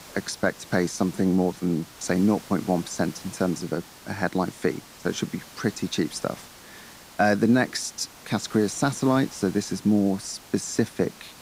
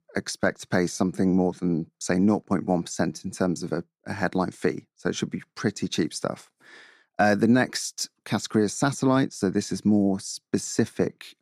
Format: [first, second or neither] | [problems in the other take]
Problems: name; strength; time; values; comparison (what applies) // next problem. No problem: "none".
second | hiss; noticeable; throughout; 20 dB below the speech